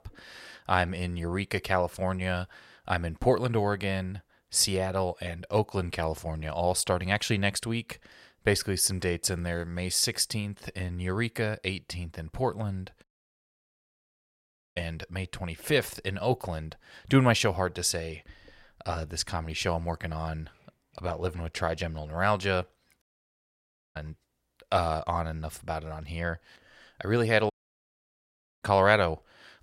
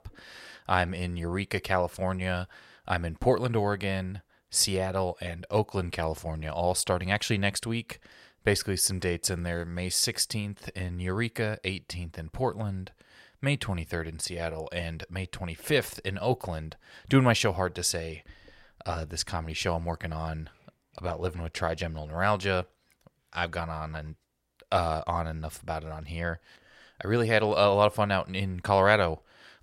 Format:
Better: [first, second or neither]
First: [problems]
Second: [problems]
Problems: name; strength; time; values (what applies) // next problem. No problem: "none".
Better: second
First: audio cutting out; at 13 s for 1.5 s, at 23 s for 1 s and at 28 s for 1 s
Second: none